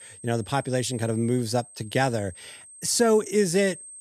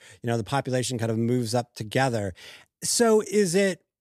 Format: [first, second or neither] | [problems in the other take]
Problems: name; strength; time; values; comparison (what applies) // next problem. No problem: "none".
second | high-pitched whine; noticeable; throughout; 8.5 kHz, 20 dB below the speech